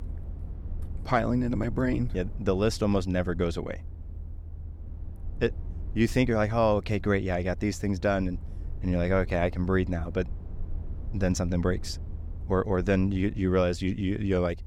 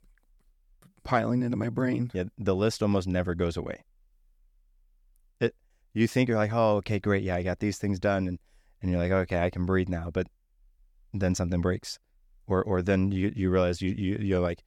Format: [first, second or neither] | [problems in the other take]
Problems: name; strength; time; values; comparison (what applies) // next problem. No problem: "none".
second | low rumble; faint; throughout; 25 dB below the speech